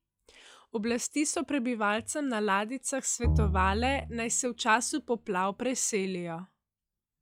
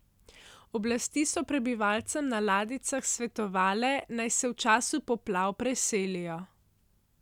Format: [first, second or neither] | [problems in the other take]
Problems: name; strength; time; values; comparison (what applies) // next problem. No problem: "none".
second | noise reduction (classical method log-MMSE)